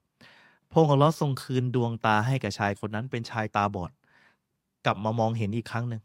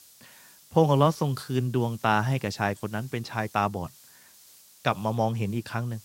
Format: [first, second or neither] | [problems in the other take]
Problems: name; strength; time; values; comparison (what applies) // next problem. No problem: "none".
first | hiss; faint; throughout; 25 dB below the speech